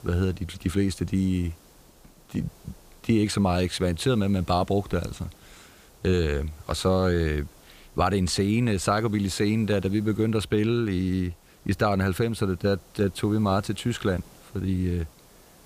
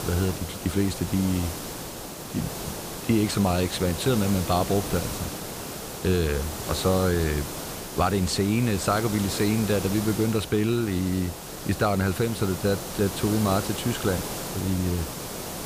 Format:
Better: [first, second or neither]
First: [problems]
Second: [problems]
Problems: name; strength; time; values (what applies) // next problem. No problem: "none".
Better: first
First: hiss; faint; throughout; 25 dB below the speech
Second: hiss; loud; throughout; 7 dB below the speech